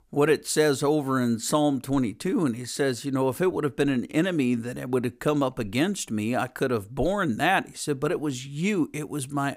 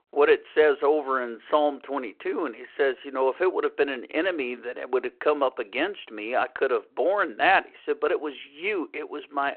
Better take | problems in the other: first | phone-call audio

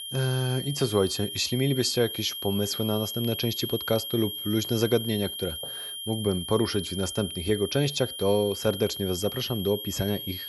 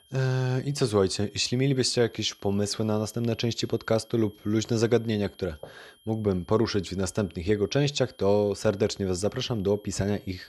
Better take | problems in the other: second | high-pitched whine; loud; throughout; 3 kHz, 6 dB below the speech; faint in the second

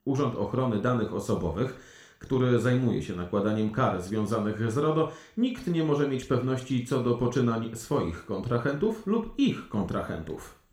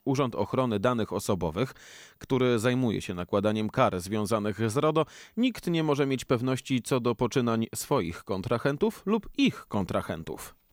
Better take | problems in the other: second | room echo; slight; dies away in 0.5 s // off-mic speech; somewhat distant

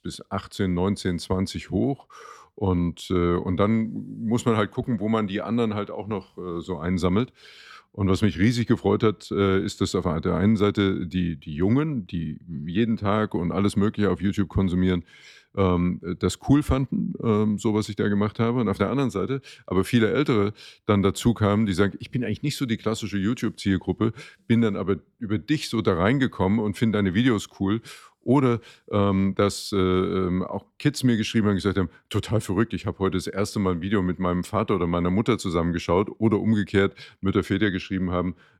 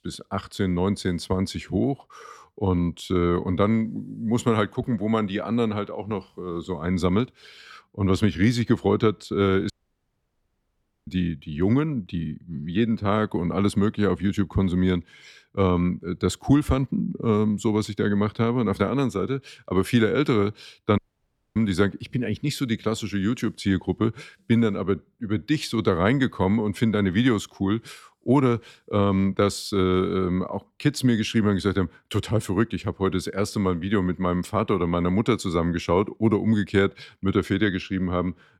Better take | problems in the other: first | audio cutting out; at 9.5 s for 1.5 s and at 21 s for 0.5 s

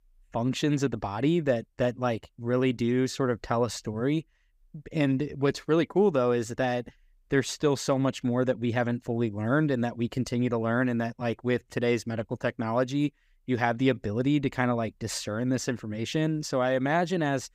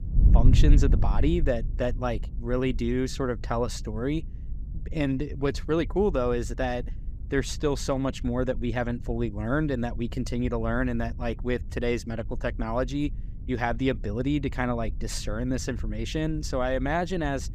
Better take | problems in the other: first | wind noise on the microphone; occasional gusts; 20 dB below the speech

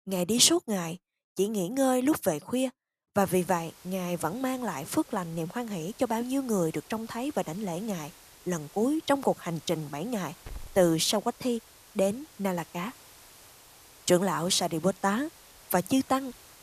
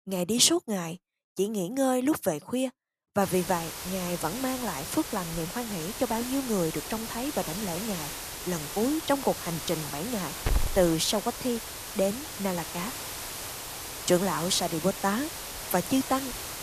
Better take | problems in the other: first | hiss; loud; from 3 s on; 6 dB below the speech; faint in the first

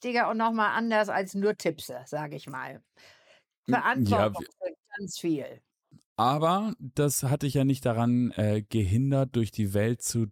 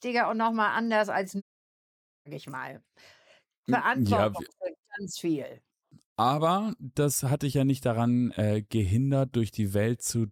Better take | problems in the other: first | audio cutting out; at 1.5 s for 1 s

